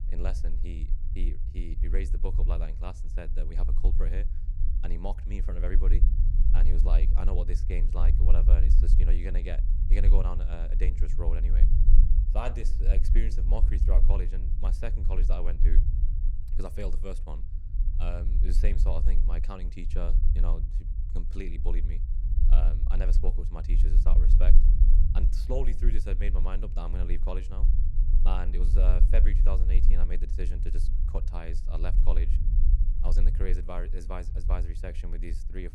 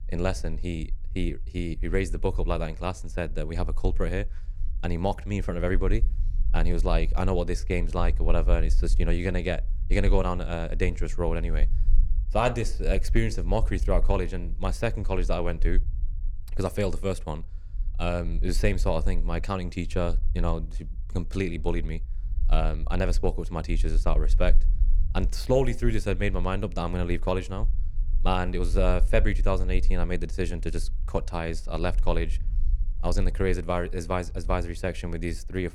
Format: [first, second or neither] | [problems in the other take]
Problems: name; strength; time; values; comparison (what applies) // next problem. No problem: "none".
second | low rumble; loud; throughout; 8 dB below the speech; faint in the second